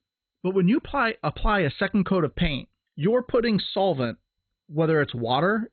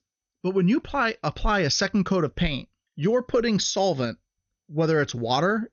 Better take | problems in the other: second | garbled, watery; badly; nothing above 4 kHz; slightly in the second

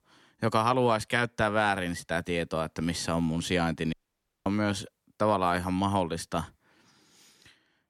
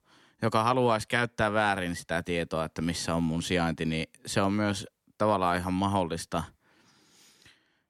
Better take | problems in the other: second | audio cutting out; at 4 s for 0.5 s

